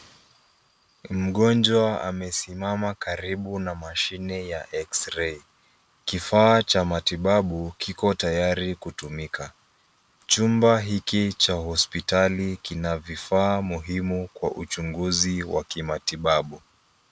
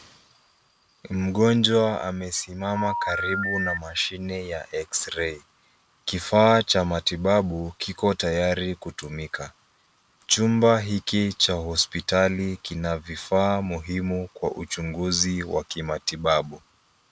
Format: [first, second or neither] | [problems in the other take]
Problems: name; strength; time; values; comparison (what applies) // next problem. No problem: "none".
first | background sound (Telephone); 3 dB below the speech